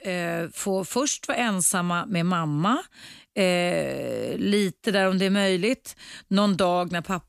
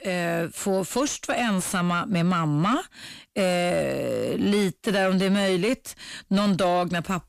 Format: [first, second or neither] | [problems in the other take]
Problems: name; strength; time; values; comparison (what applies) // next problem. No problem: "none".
first | distortion; slight; 10 dB below the speech